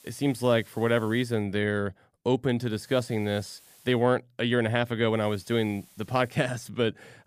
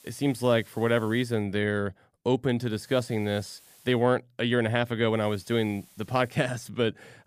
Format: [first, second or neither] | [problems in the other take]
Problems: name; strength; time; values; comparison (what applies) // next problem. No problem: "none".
neither | hiss; faint; until 1.5 s, from 3 to 4 s and from 5 to 6.5 s; 25 dB below the speech; the same in both